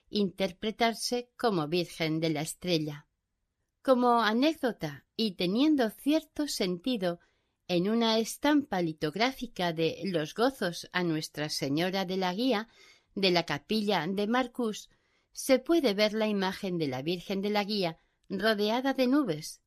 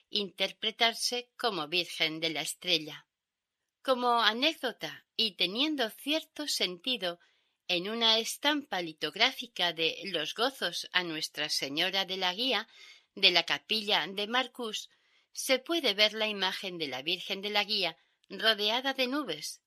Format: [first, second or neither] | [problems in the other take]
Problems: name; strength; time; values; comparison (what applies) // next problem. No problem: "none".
first | thin; very slightly; fading below 750 Hz